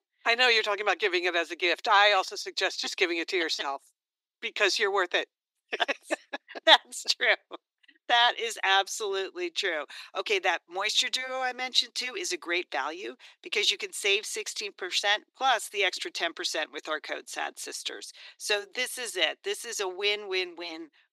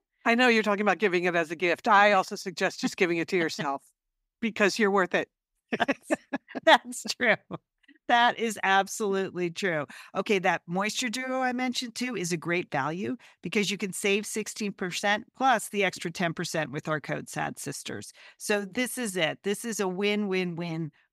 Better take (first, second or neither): second